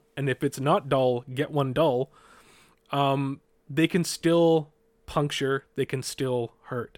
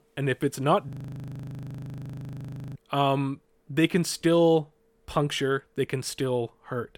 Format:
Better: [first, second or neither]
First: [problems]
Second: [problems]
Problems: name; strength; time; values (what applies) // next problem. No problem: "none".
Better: first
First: none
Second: audio freezing; at 1 s for 2 s